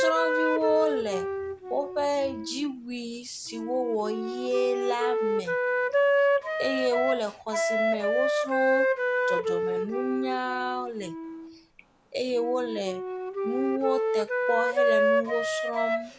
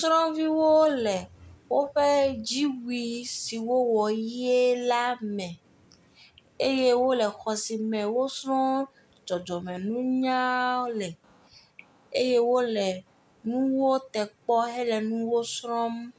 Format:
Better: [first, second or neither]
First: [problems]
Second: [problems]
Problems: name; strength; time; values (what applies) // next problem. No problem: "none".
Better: second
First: background sound (Wind instrument, woodwind instrument); 3 dB above the speech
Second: none